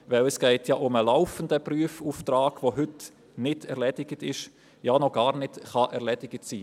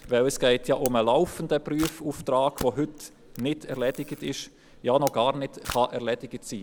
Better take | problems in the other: first | background sound (Camera); 16 dB below the speech

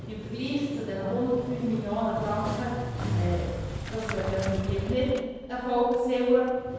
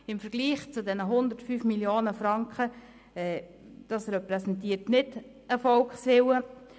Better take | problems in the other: second | background sound (Motorcycle); 5 dB below the speech // room echo; dies away in 1.1 s

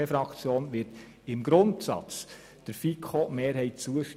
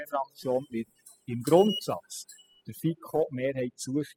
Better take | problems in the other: first | noise reduction (classical method spectral subtraction)

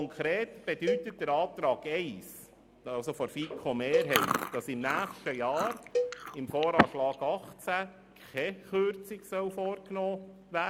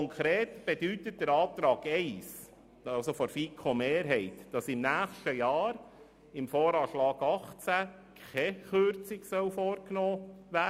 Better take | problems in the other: second | background sound (Chewing, mastication + Cowbell); 3 dB below the speech

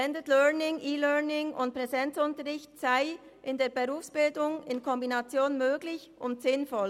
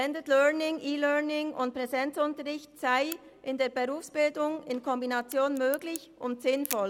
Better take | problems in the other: first | background sound (Crack); 17 dB below the speech

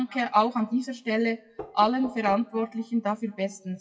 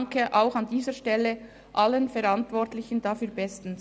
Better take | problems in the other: second | noise reduction (classical method WPE with log-MMSE)

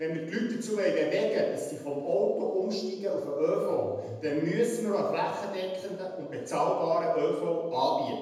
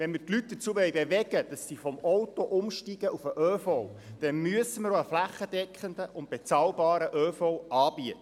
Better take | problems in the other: second | room echo; dies away in 1 s

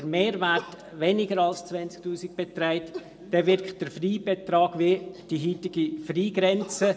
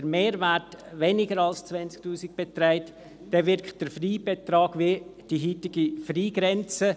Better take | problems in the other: second | background sound (Cough); 18 dB below the speech // room echo; dies away in 1.7 s

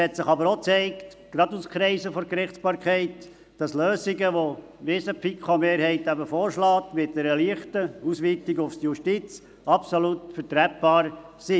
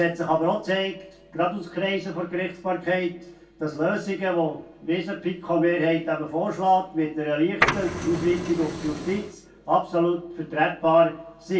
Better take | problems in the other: first | background sound (Printer); 3 dB below the speech // room echo; dies away in 0.2 s

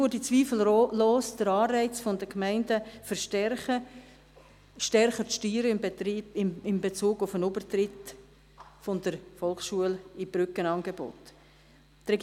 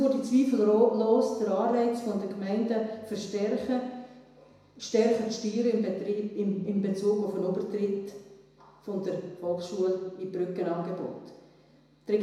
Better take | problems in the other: first | room echo; dies away in 1 s

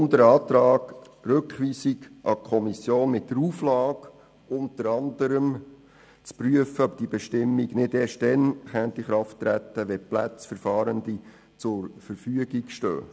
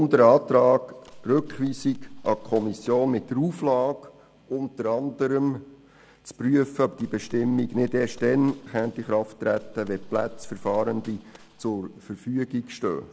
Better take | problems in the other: first | background sound (Gunshot, gunfire); 17 dB below the speech

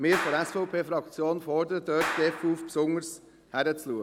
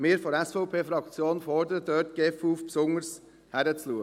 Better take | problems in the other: second | background sound (Clapping); 9 dB below the speech

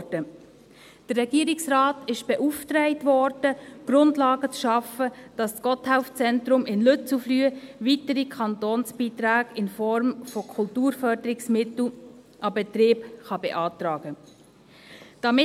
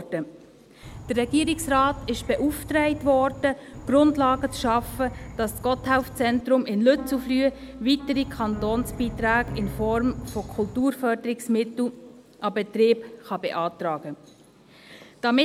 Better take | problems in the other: first | background sound (Piano + Insect); 12 dB below the speech

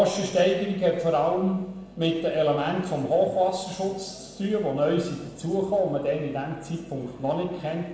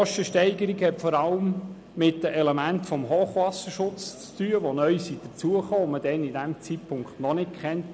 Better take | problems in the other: second | room echo; dies away in 1 s

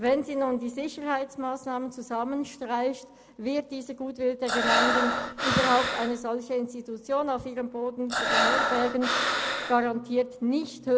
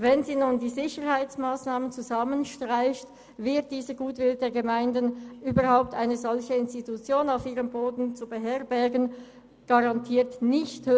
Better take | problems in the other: second | background sound (Breathing); 2 dB above the speech

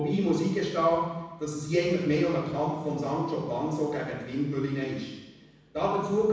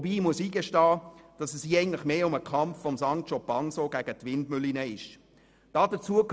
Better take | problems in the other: second | room echo; dies away in 1.1 s

